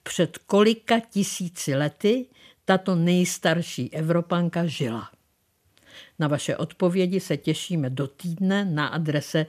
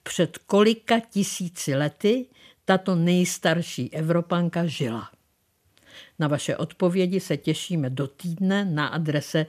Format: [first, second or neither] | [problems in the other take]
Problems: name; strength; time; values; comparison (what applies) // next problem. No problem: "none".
neither | none